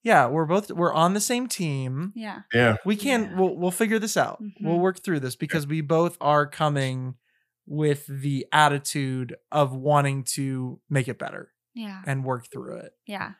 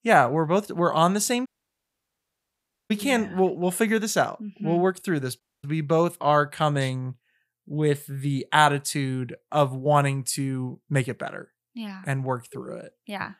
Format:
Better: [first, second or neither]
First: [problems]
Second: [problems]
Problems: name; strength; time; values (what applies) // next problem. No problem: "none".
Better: first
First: none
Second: audio cutting out; at 1.5 s for 1.5 s and at 5.5 s